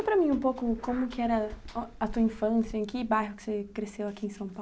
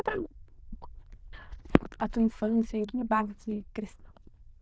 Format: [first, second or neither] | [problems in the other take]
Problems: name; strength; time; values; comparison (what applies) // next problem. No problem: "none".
first | noise reduction (neural diffusion model UNIVERSE++)